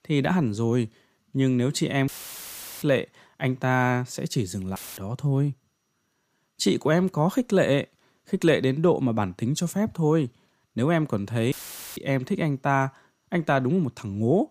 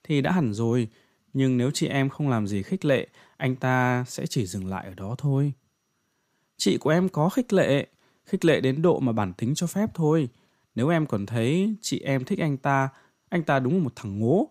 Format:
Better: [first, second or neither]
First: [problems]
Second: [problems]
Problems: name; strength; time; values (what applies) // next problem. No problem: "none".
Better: second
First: audio cutting out; filled with static; at 2 s for 0.5 s, at 5 s and at 12 s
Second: none